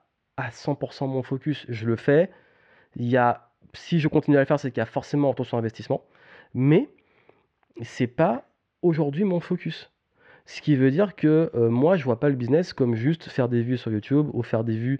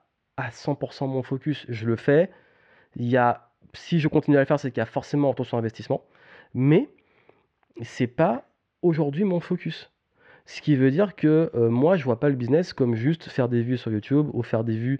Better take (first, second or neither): neither